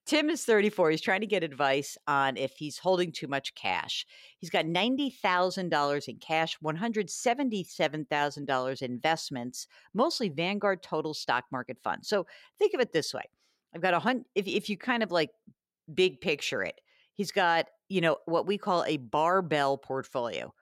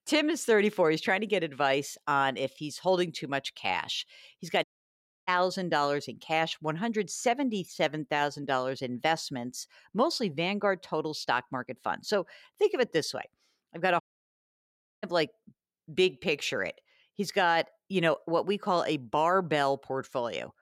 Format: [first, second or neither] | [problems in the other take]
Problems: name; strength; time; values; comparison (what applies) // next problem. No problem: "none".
first | audio cutting out; at 4.5 s for 0.5 s and at 14 s for 1 s